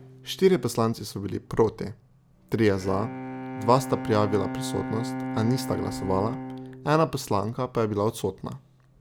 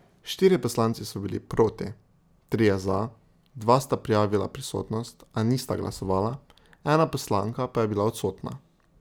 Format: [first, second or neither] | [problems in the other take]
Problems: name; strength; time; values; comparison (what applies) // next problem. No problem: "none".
second | background sound (Bowed string instrument); 10 dB below the speech